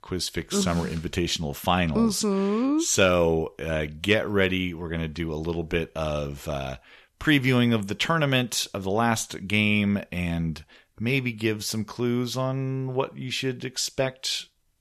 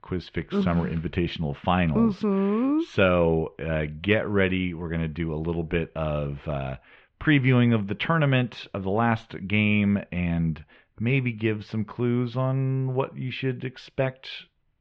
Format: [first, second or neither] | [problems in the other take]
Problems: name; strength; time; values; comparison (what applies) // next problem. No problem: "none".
first | muffled; very; fading above 3 kHz